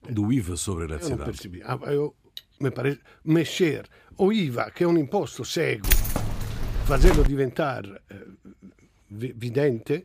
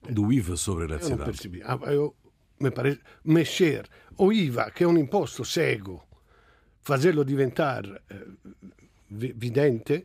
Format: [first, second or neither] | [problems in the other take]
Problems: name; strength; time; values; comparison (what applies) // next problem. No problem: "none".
second | clattering dishes; very faint; at 2.5 s; peak 15 dB below the speech // jangling keys; loud; from 6 to 7.5 s; peak 3 dB above the speech